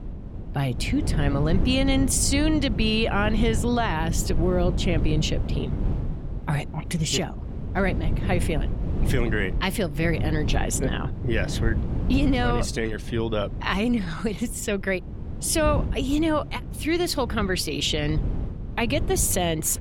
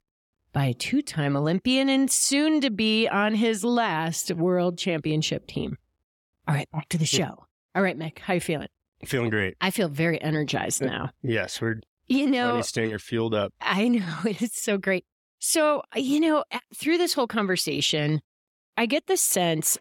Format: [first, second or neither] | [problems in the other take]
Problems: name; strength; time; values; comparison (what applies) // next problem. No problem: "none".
second | wind noise on the microphone; occasional gusts; 15 dB below the speech